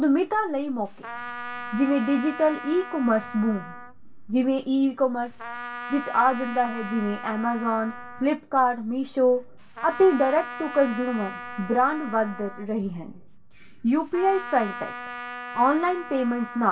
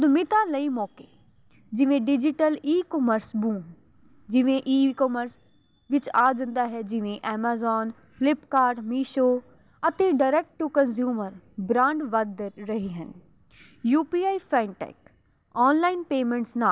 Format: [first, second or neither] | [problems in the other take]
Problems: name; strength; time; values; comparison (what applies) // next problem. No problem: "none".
second | background sound (Trumpet); 13 dB below the speech // room echo; dies away in 0.2 s